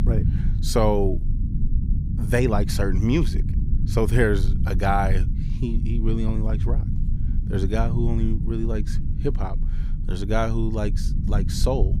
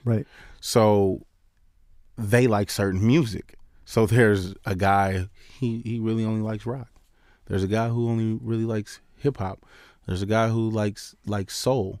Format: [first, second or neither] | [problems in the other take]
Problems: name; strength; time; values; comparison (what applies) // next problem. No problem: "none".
second | low rumble; noticeable; throughout; 15 dB below the speech